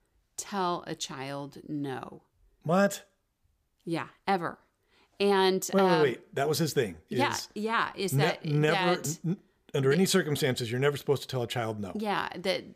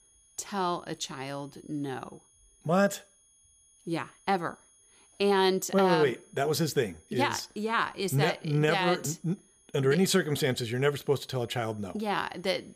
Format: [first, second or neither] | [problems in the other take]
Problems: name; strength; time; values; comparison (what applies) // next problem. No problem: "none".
first | high-pitched whine; faint; throughout; 10.5 kHz, 30 dB below the speech